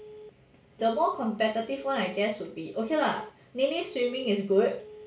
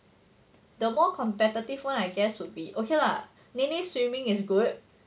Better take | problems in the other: second | background sound (Telephone); 19 dB below the speech // room echo; dies away in 0.3 s

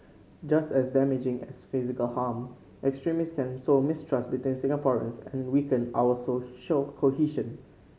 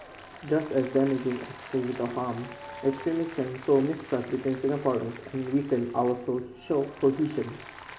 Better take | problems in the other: first | background sound (Applause); 17 dB below the speech // room echo; dies away in 0.4 s

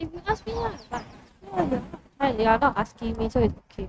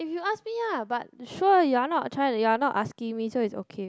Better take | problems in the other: second | noise reduction (neural mask model RNNoise)

